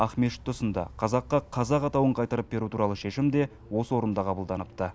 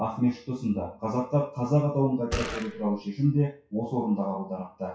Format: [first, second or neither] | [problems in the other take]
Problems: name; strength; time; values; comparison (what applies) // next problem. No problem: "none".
first | noise reduction (classical method WPE with log-MMSE)